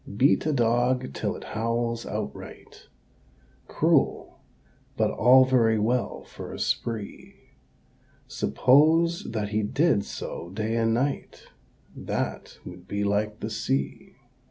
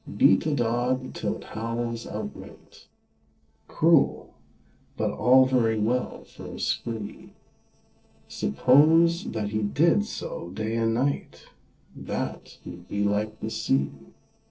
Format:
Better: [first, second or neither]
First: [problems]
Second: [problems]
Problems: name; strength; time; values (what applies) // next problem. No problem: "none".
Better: first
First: none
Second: noise reduction (neural separator model SepFormer DNS4)